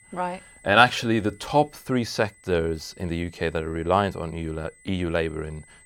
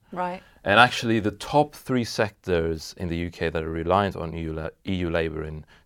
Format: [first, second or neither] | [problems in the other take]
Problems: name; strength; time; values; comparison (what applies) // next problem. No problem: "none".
second | high-pitched whine; faint; throughout; 2 kHz, 25 dB below the speech